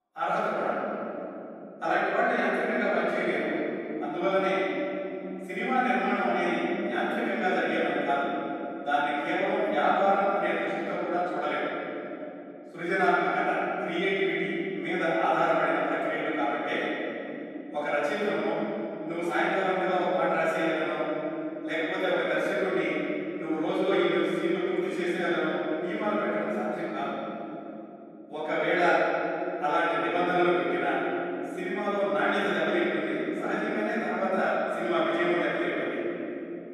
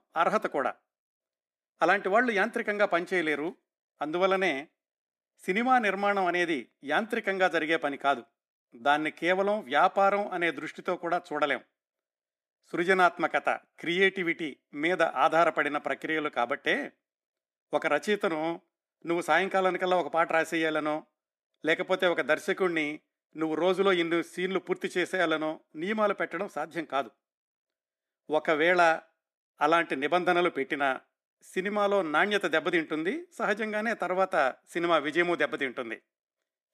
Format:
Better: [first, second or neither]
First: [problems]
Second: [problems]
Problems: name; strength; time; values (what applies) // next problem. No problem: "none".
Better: second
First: off-mic speech; far // room echo; strong; dies away in 3 s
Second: none